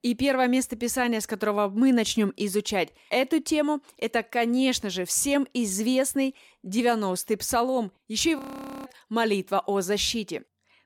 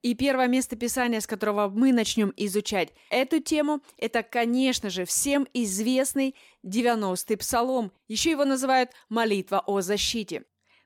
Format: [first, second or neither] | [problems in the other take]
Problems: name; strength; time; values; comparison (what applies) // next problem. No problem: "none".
second | audio freezing; at 8.5 s